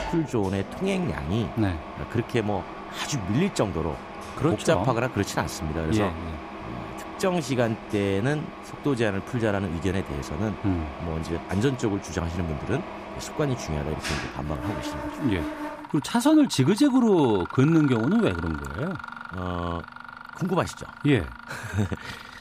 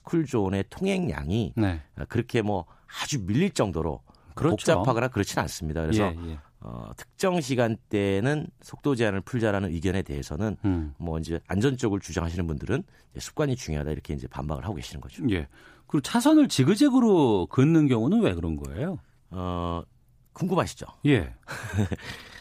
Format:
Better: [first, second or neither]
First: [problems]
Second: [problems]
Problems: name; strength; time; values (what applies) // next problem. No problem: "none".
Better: second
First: machinery noise; noticeable; throughout; 10 dB below the speech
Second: none